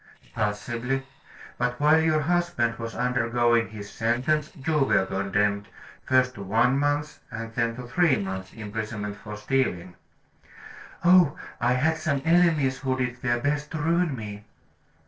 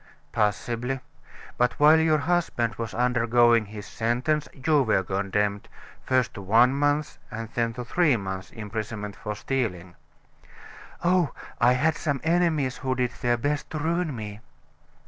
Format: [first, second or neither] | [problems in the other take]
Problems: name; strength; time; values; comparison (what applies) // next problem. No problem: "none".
second | noise reduction (neural separator model SepFormer DNS4)